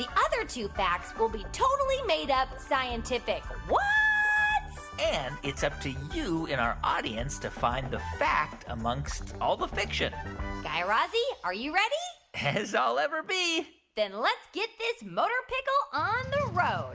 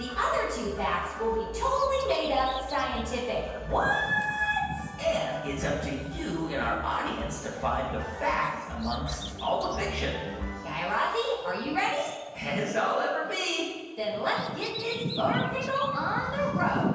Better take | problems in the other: first | background sound (Bird vocalization, bird call, bird song); 11 dB below the speech // room echo; dies away in 1.2 s

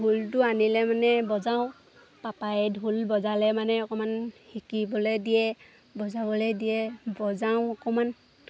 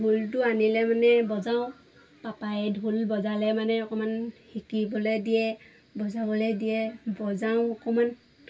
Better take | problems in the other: first | room echo; dies away in 0.1 s

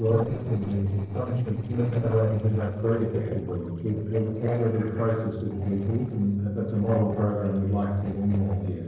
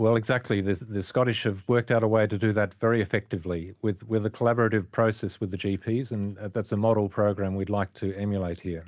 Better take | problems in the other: second | noise reduction (neural separator model SepFormer DNS4)

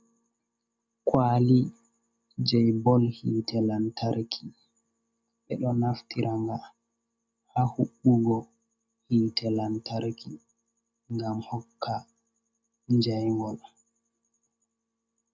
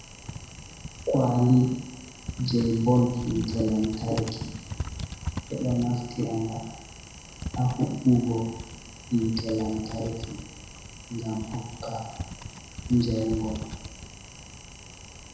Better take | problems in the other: first | background sound (Typing); 11 dB below the speech // room echo; dies away in 1 s

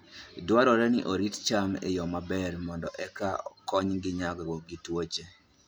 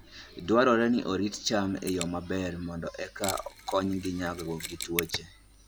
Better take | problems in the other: first | background sound (Mechanisms); 13 dB below the speech

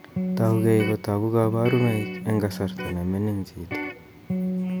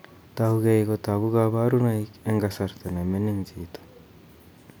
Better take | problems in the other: second | background sound (Electric guitar); 5 dB below the speech

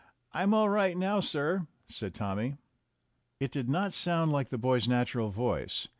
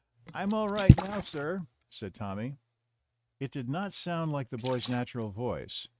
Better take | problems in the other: first | noise reduction (neural mask model RNNoise)

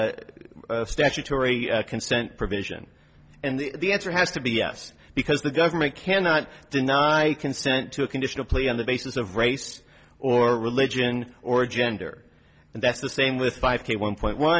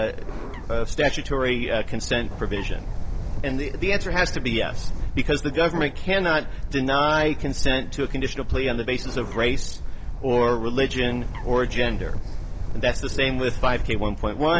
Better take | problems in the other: first | background sound (Bird); 2 dB below the speech

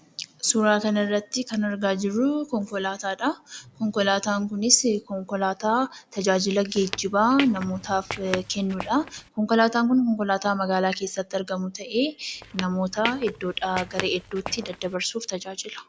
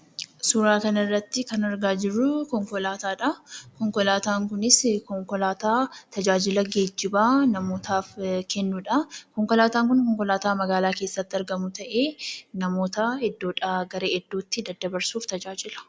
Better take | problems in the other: second | background sound (Squeak / Walk, footsteps); 11 dB below the speech

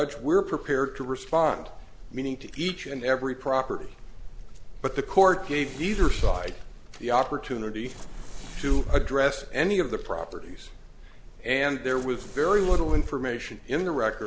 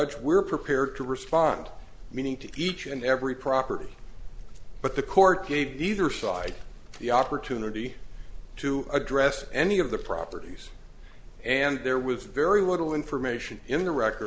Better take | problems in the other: second | background sound (Fireworks); 1 dB above the speech

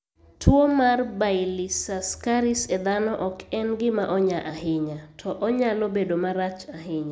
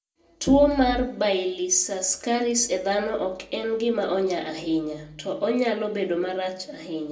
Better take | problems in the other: first | room echo; dies away in 0.2 s

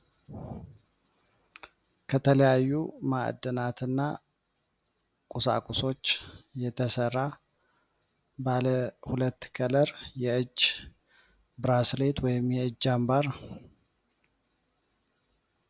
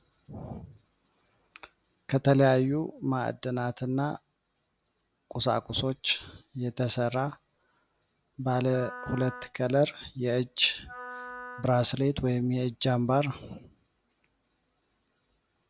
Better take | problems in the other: first | background sound (Wind instrument, woodwind instrument); 15 dB below the speech

